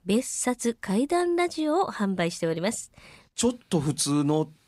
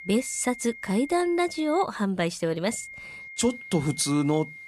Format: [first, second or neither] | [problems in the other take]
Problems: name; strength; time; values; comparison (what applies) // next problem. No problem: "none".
first | high-pitched whine; noticeable; until 2 s and from 2.5 s on; 2 kHz, 15 dB below the speech